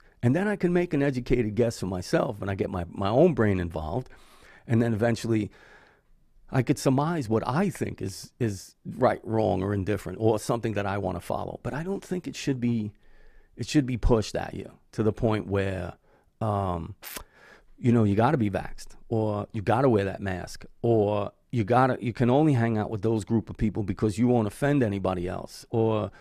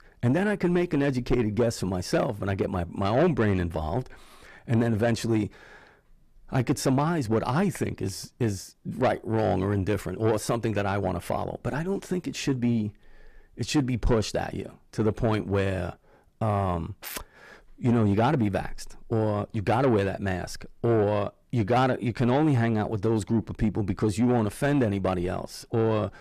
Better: first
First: none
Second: distortion; slight; 10 dB below the speech

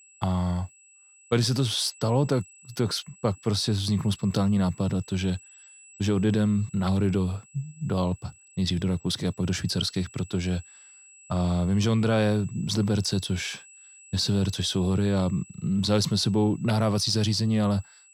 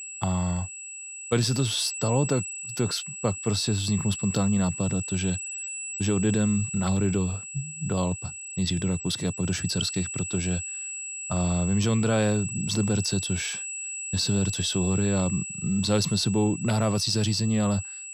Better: first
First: high-pitched whine; faint; throughout; 8 kHz, 25 dB below the speech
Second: high-pitched whine; loud; throughout; 8 kHz, 6 dB below the speech

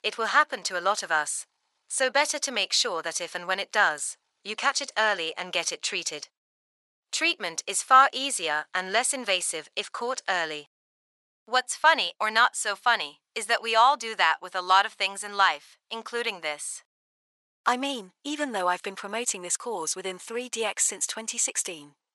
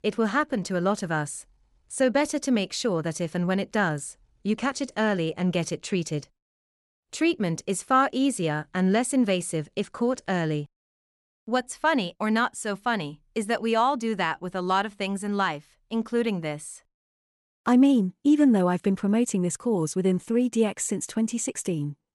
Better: second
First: thin; very; fading below 950 Hz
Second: none

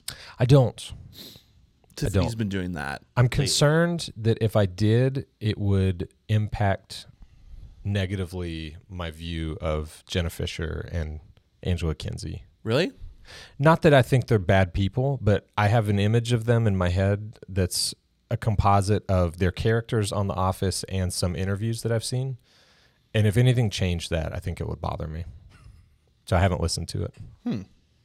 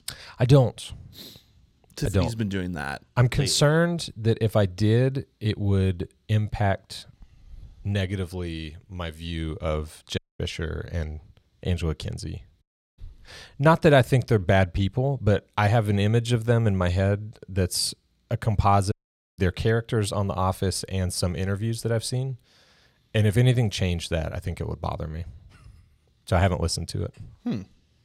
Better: first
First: none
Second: audio cutting out; at 10 s, at 13 s and at 19 s

